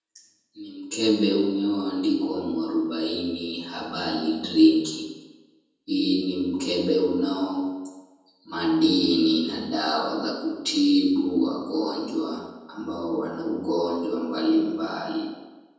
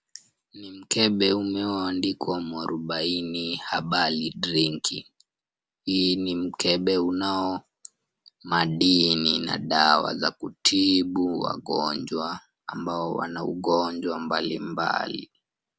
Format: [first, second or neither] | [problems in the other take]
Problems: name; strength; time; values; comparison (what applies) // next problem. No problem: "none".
second | room echo; dies away in 1.1 s